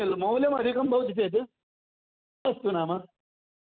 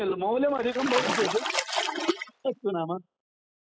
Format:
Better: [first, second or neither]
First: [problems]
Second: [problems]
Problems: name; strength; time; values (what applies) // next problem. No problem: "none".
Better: first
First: none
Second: noise reduction (classical method spectral subtraction)